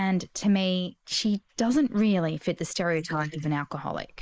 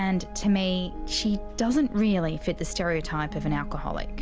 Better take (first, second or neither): second